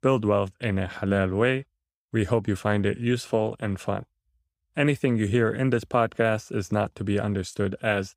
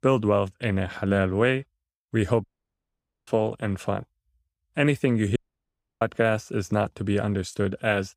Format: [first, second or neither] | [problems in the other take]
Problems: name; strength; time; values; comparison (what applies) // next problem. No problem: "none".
first | audio cutting out; at 2.5 s for 1 s and at 5.5 s for 0.5 s